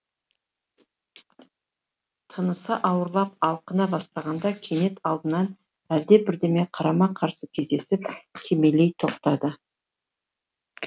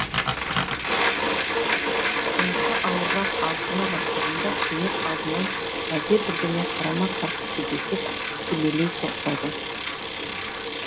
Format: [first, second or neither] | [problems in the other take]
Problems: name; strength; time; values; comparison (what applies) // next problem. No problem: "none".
first | background sound (Bicycle); 3 dB above the speech